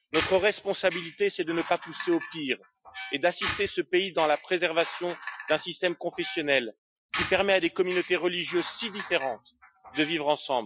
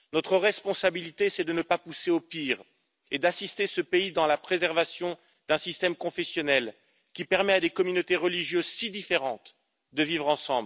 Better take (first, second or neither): second